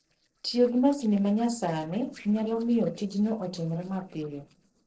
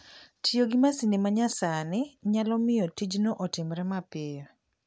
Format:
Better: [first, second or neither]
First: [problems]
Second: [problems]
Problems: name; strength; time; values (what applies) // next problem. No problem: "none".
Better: second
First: noise reduction (neural separator model SepFormer DNS4)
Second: none